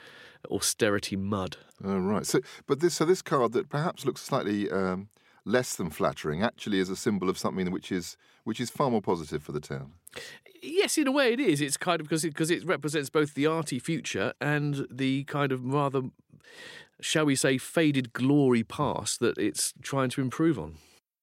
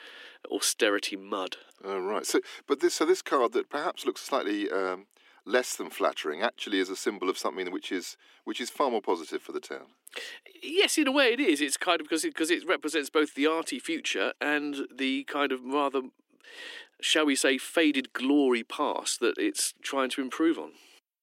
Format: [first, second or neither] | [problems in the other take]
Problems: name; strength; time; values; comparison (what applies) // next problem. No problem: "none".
first | thin; very slightly; fading below 300 Hz